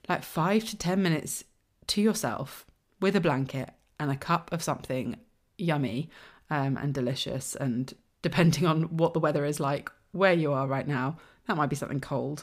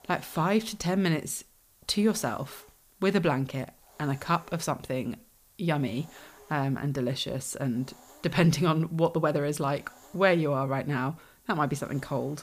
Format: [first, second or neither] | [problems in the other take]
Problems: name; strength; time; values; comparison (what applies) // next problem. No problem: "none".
first | hiss; faint; throughout; 25 dB below the speech